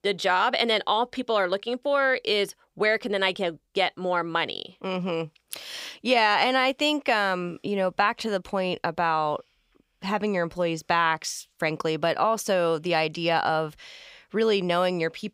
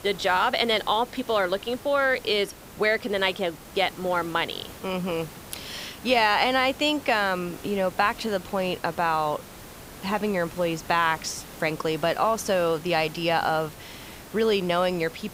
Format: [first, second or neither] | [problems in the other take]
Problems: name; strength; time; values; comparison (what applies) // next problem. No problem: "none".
first | hiss; noticeable; throughout; 15 dB below the speech